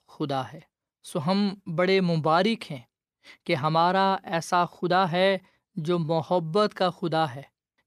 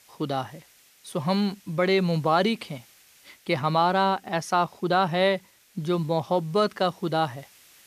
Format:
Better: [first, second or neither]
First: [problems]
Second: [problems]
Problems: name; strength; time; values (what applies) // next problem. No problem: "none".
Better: first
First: none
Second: hiss; faint; throughout; 30 dB below the speech